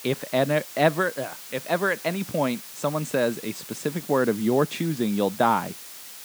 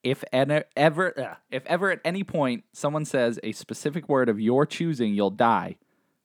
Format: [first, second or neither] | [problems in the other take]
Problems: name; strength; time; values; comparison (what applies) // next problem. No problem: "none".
second | hiss; noticeable; throughout; 15 dB below the speech